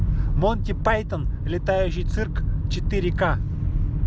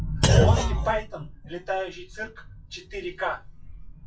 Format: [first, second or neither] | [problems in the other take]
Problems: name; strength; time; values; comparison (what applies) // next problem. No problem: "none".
first | noise reduction (classical method WPE with log-MMSE)